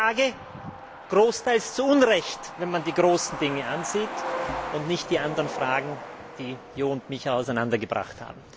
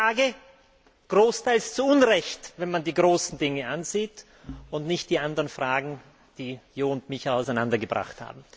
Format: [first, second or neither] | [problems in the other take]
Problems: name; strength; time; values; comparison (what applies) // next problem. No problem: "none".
second | background sound (Truck); 11 dB below the speech